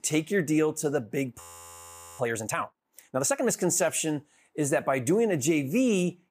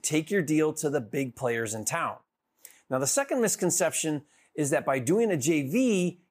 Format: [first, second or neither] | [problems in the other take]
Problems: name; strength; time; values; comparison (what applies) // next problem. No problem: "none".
second | audio freezing; at 1.5 s for 1 s